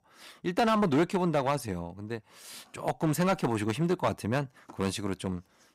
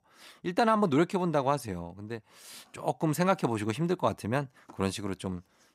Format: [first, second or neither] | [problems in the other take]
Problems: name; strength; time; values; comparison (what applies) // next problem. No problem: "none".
second | distortion; slight; 4% of the sound clipped